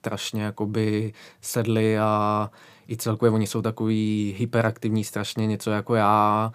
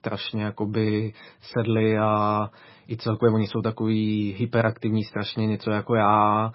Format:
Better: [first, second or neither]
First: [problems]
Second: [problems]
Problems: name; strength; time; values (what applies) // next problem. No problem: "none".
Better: first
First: none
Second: garbled, watery; badly; nothing above 5.5 kHz